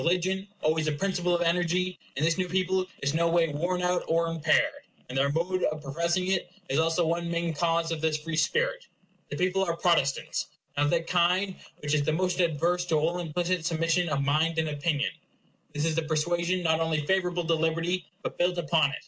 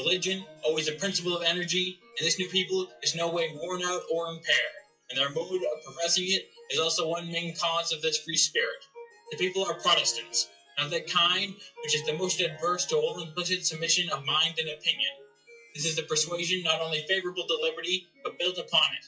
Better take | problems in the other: first | noise reduction (classical method WPE with log-MMSE)

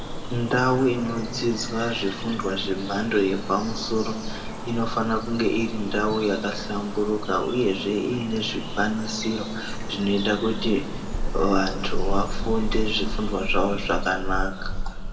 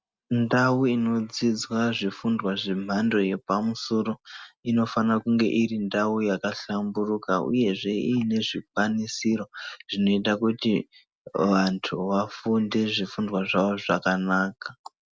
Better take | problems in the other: second | background sound (Bird vocalization, bird call, bird song); 3 dB below the speech // room echo; dies away in 1.8 s

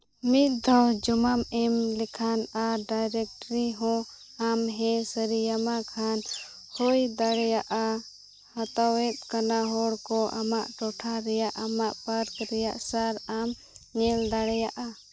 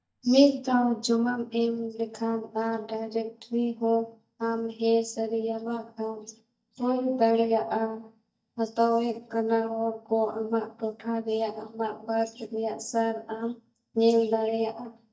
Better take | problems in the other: first | noise reduction (neural mask model DeepFilterNet 3)

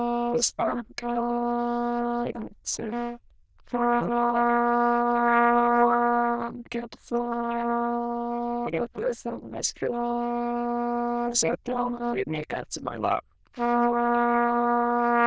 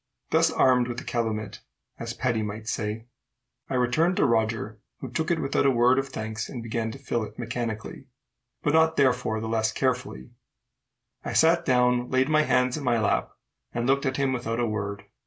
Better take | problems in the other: second | noise reduction (neural diffusion model UNIVERSE++)

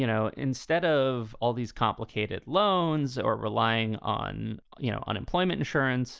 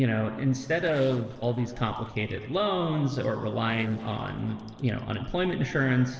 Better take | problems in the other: first | noise reduction (neural separator model SepFormer DNS4)

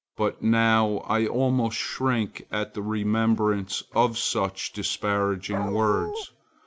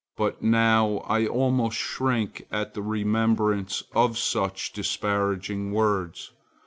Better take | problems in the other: second | background sound (Dog); 5 dB below the speech

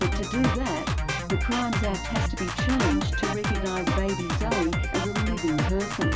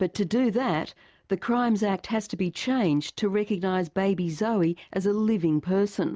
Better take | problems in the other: second | background sound (Drum kit); 2 dB above the speech // room echo; dies away in 0.2 s

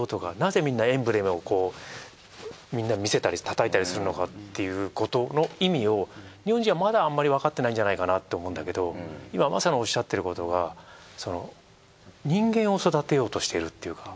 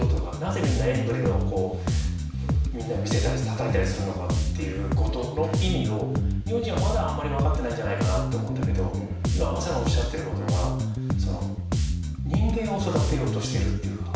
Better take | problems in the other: first | background sound (Bass guitar); 5 dB above the speech // room echo; dies away in 0.6 s

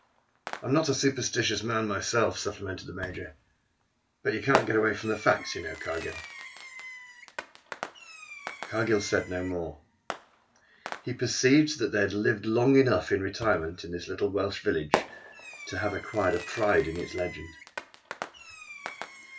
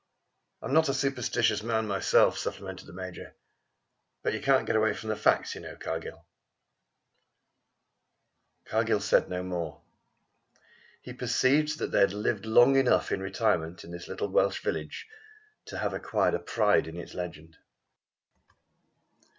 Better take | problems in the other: second | background sound (Fireworks); 11 dB below the speech // room echo; dies away in 0.2 s

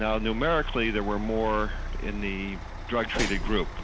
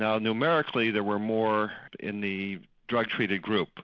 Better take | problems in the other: second | background sound (Truck); 3 dB below the speech

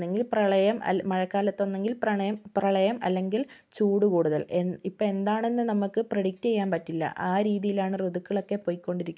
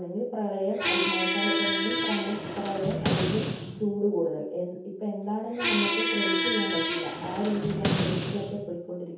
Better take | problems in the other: first | background sound (Squeak); 1 dB above the speech // room echo; dies away in 0.7 s

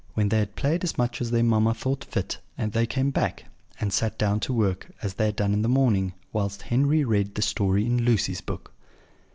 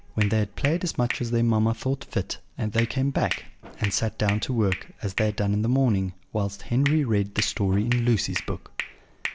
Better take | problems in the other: first | background sound (Hands); 13 dB below the speech

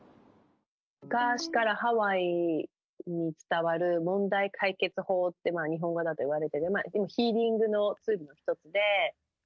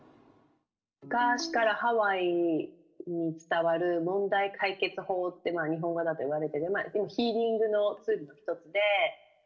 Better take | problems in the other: first | room echo; dies away in 0.4 s

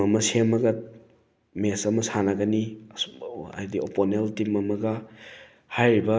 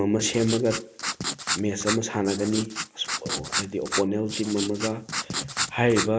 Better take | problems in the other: first | noise reduction (neural mask model Resemble Enhance denoiser)

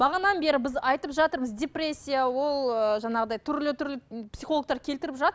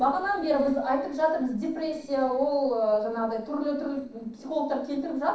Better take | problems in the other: first | noise reduction (neural separator model SepFormer DNS4)

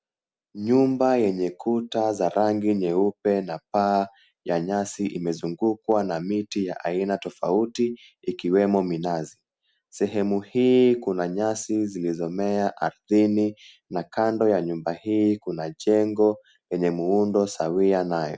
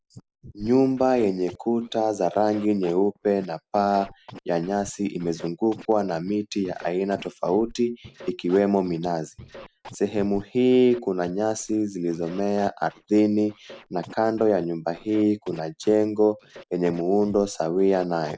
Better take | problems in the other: first | noise reduction (neural mask model Resemble Enhance denoiser)

